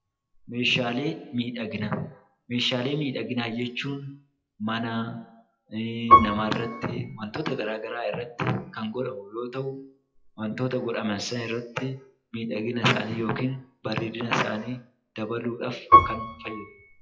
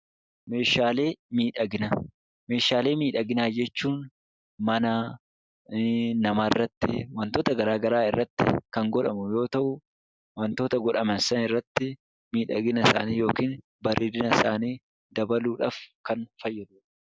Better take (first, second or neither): second